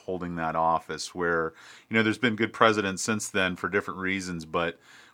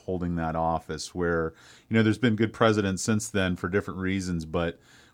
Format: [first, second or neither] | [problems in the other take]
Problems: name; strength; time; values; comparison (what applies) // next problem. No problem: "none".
second | thin; very slightly; fading below 300 Hz